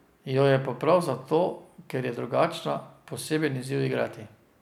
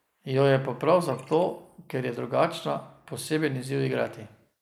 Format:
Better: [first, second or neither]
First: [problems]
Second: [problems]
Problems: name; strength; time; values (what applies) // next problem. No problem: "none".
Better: first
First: none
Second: noise reduction (neural mask model Resemble Enhance denoiser)